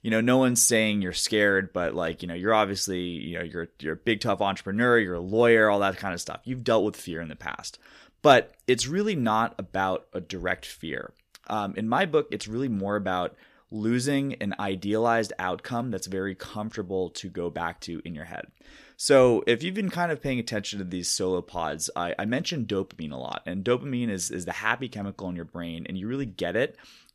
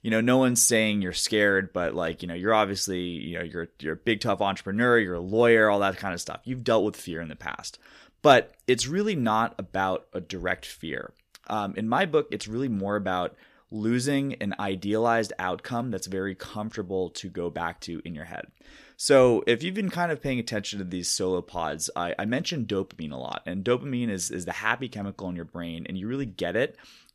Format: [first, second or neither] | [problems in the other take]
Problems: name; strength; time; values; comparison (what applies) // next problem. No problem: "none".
neither | none